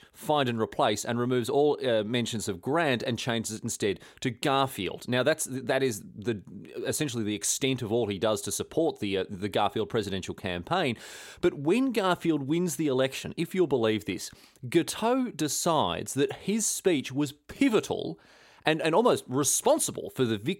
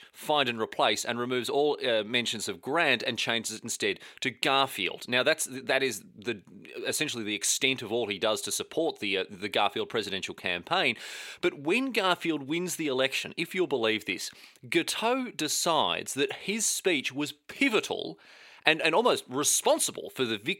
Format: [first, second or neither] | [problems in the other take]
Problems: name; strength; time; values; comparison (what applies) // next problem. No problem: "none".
first | thin; very slightly; fading below 400 Hz